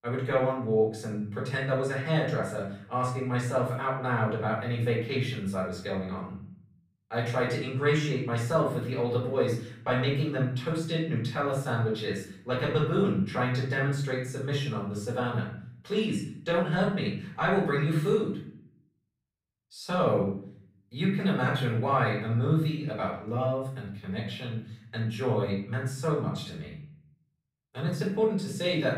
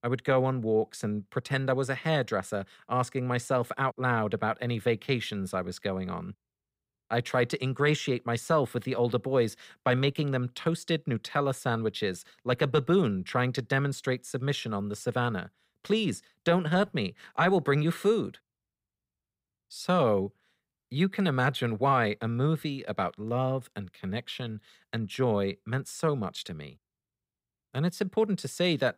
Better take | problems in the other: second | room echo; noticeable; dies away in 0.6 s // off-mic speech; far

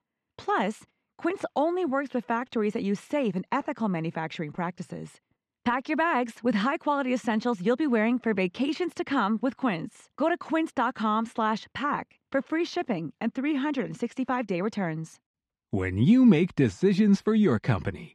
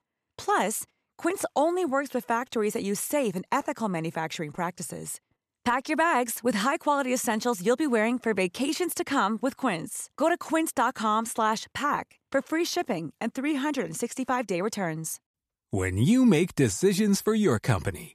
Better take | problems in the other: second | muffled; slightly; fading above 3 kHz

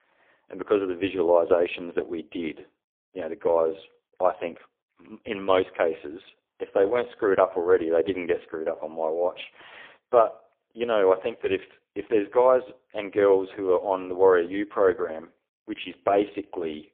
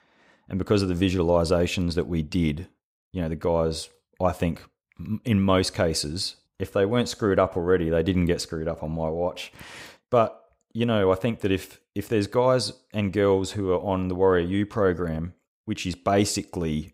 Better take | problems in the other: second | phone-call audio; poor line

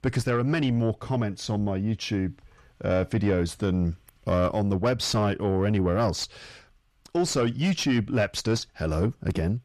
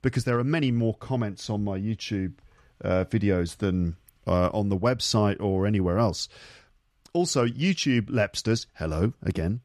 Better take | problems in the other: second | distortion; slight; 10 dB below the speech

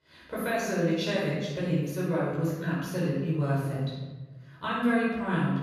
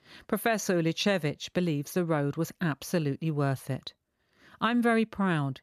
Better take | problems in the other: second | room echo; strong; dies away in 1.2 s // off-mic speech; far

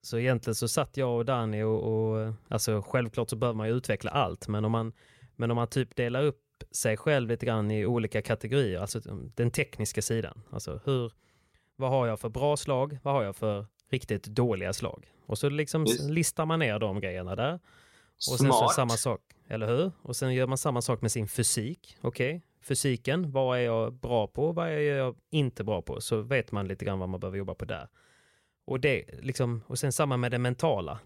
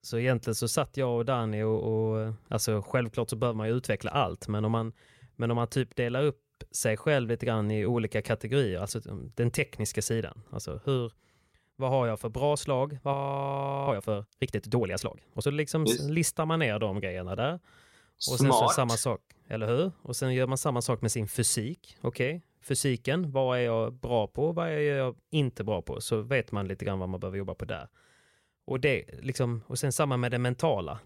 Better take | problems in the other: first | audio freezing; at 13 s for 0.5 s

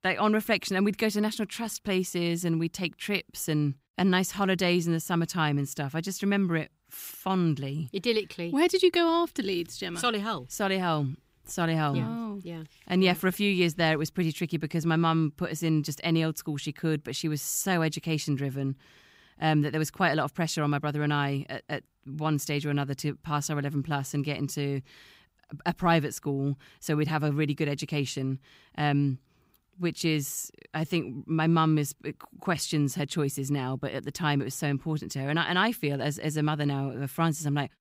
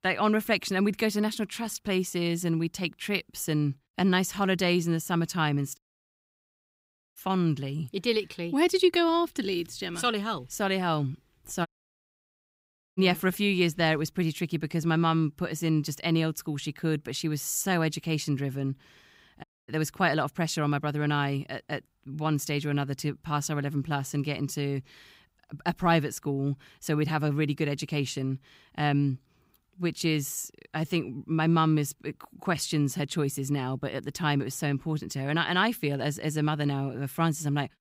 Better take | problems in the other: first | audio cutting out; at 6 s for 1.5 s, at 12 s for 1.5 s and at 19 s

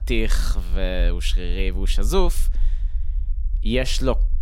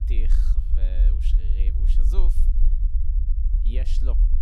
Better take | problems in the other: first | low rumble; loud; throughout; 2 dB below the speech; faint in the first

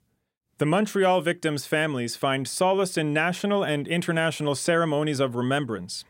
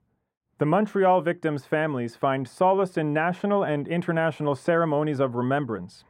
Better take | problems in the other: first | muffled; very; fading above 2.5 kHz

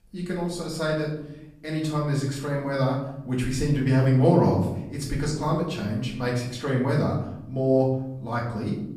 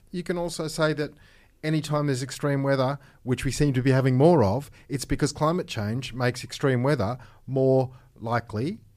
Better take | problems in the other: second | room echo; noticeable; dies away in 0.8 s // off-mic speech; far

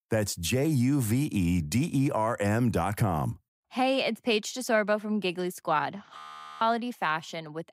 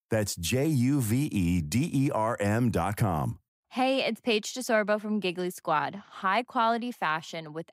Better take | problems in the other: second | audio freezing; at 6 s

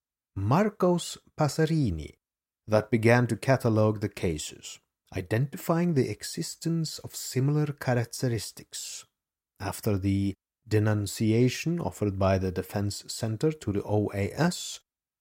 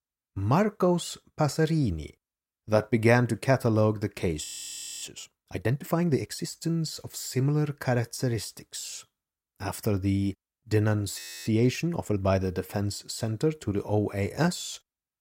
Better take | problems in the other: first | audio freezing; at 4.5 s for 0.5 s and at 11 s

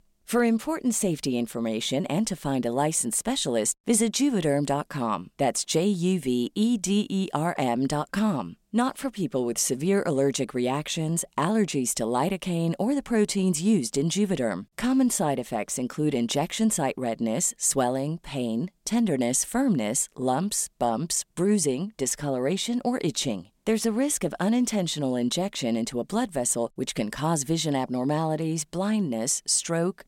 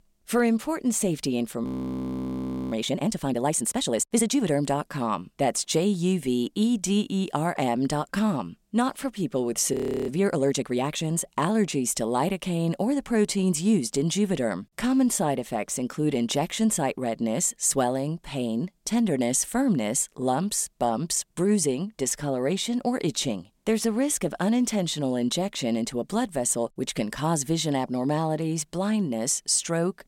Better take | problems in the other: first | audio freezing; at 1.5 s for 1 s and at 9.5 s

